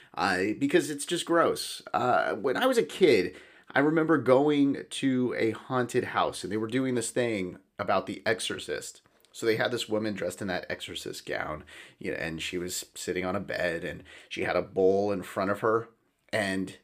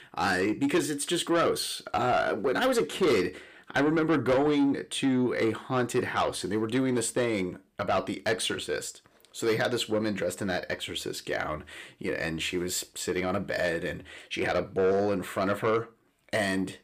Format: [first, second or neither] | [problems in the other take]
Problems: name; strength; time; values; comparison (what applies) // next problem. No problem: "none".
first | distortion; slight; 10 dB below the speech